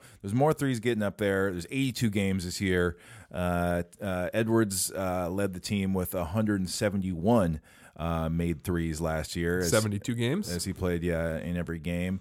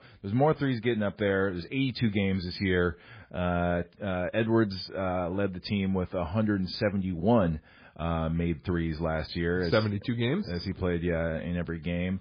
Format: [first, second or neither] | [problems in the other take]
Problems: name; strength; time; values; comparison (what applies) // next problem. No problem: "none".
first | garbled, watery; badly